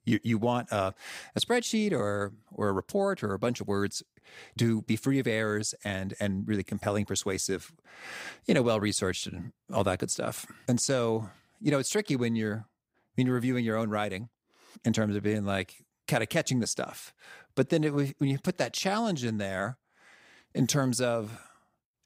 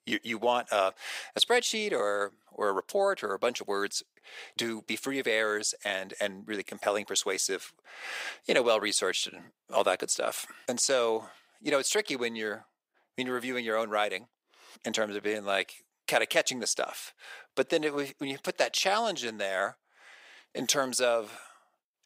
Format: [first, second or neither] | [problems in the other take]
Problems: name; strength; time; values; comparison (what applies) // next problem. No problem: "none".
first | thin; somewhat; fading below 550 Hz